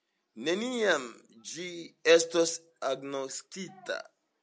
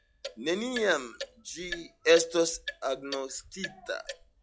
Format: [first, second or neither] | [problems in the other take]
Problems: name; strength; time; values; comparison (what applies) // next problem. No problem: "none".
first | noise reduction (classical method log-MMSE)